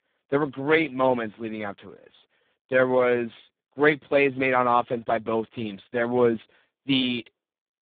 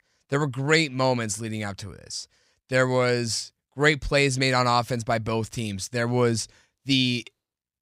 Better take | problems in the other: second | phone-call audio; poor line; nothing above 3.5 kHz

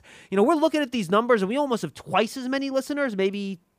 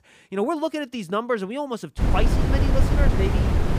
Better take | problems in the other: first | wind noise on the microphone; heavy; from 2 s on; 2 dB below the speech

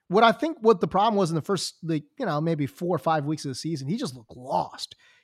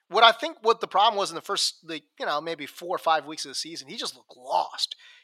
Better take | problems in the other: first | thin; very; fading below 700 Hz

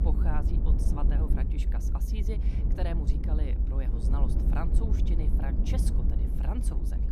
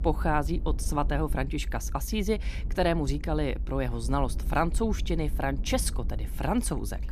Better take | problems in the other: second | low rumble; loud; throughout; 1 dB below the speech; faint in the second

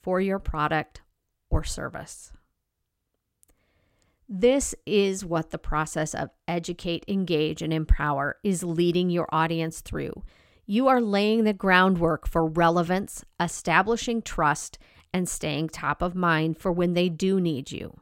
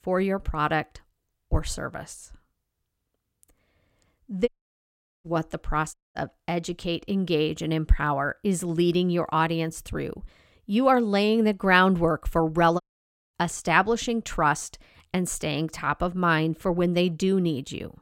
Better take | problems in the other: first | audio cutting out; at 4.5 s for 1 s, at 6 s and at 13 s for 0.5 s

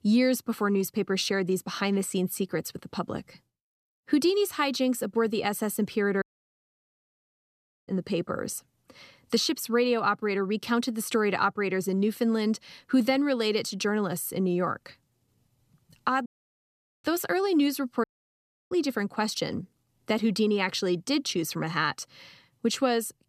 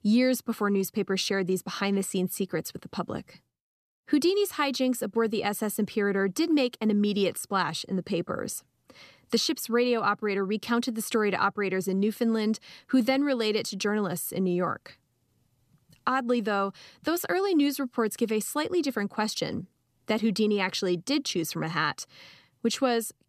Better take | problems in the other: second | audio cutting out; at 6 s for 1.5 s, at 16 s for 1 s and at 18 s for 0.5 s

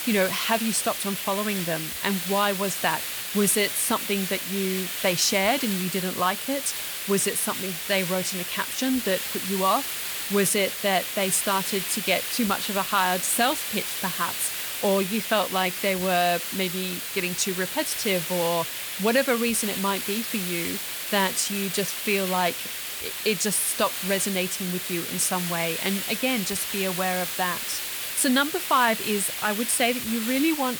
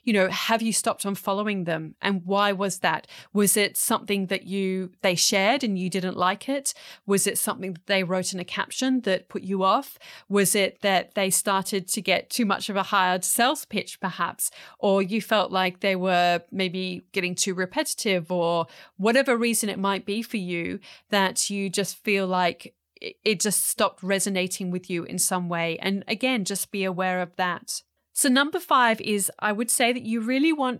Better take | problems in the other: second | hiss; loud; throughout; 3 dB below the speech

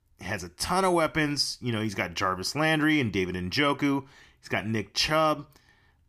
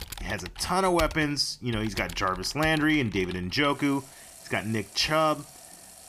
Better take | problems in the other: first | household noises; noticeable; throughout; 15 dB below the speech

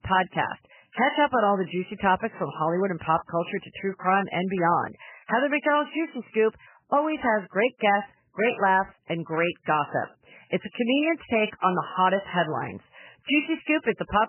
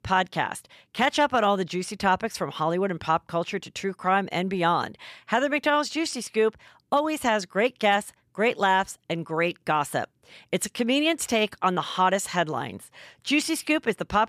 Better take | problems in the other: second | garbled, watery; badly; nothing above 3 kHz

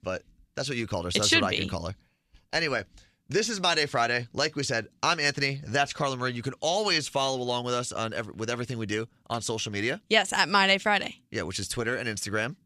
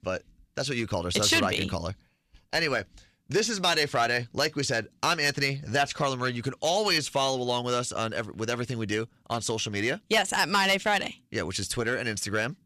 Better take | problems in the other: first | distortion; slight; 1.9% of the sound clipped

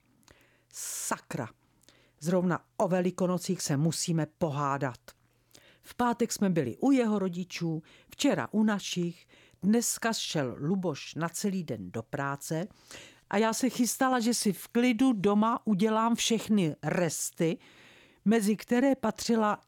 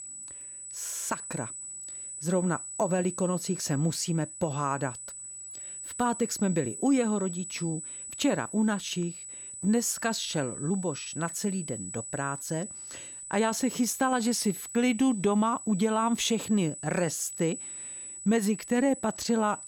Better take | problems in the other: first | high-pitched whine; loud; throughout; 8 kHz, 9 dB below the speech

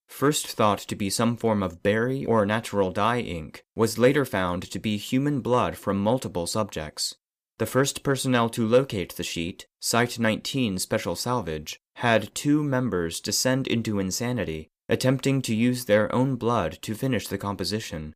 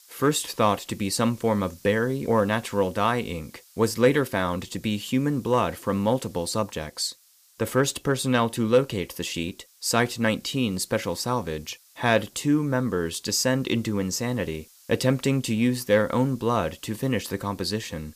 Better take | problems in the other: first | hiss; faint; throughout; 25 dB below the speech

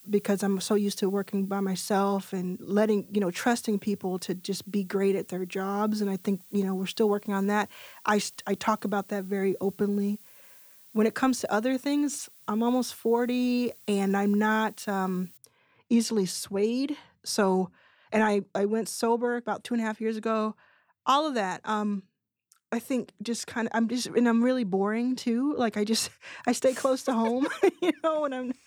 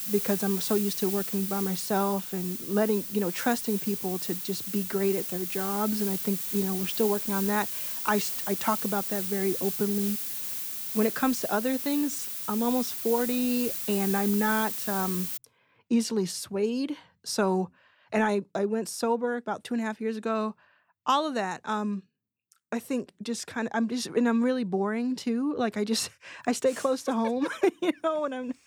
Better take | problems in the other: first | hiss; loud; until 15 s; 2 dB below the speech; faint in the first

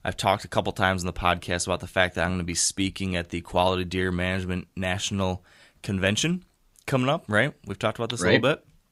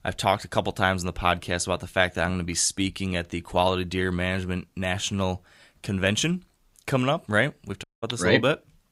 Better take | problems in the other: first | audio cutting out; at 8 s

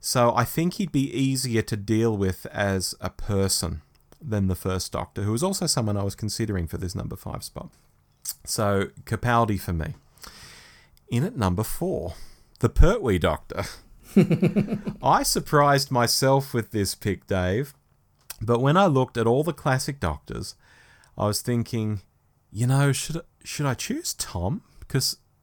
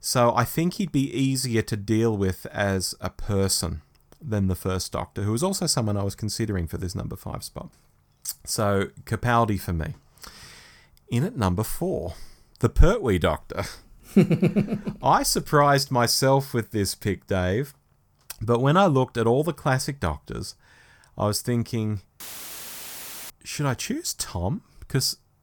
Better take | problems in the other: first | audio cutting out; filled with static; at 22 s for 1 s

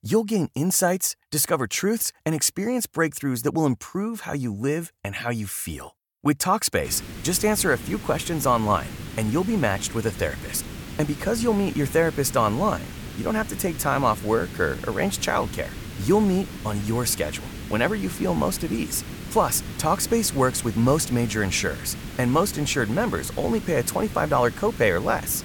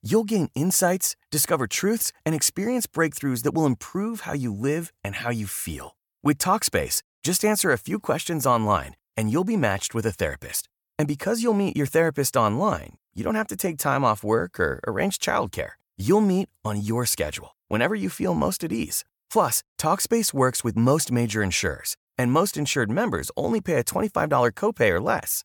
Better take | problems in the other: second | hiss; noticeable; from 7 s on; 10 dB below the speech

